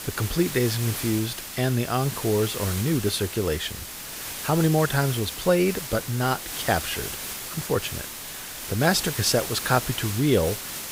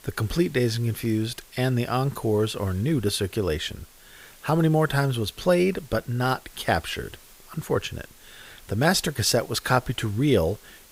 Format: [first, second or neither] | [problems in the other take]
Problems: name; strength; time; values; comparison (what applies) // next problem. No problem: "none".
second | hiss; loud; throughout; 7 dB below the speech; faint in the second